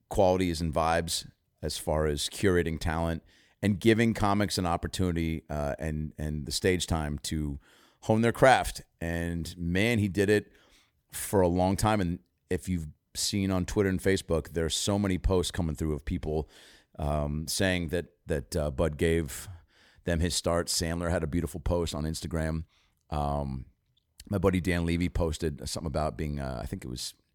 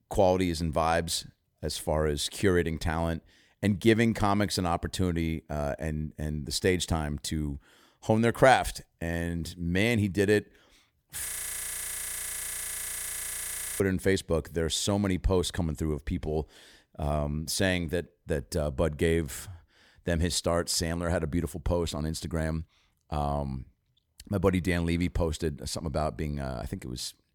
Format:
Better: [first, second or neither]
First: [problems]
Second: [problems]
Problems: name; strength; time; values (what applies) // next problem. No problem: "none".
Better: first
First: none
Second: audio freezing; at 11 s for 2.5 s